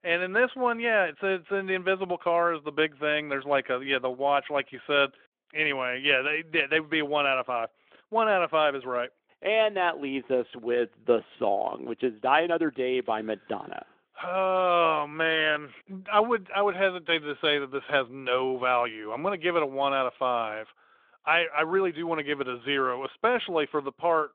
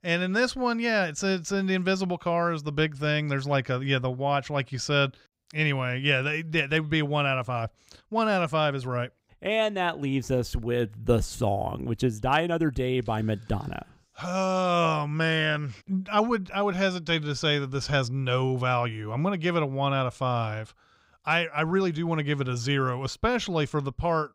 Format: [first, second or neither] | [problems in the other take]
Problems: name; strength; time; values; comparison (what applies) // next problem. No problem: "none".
second | phone-call audio; nothing above 3.5 kHz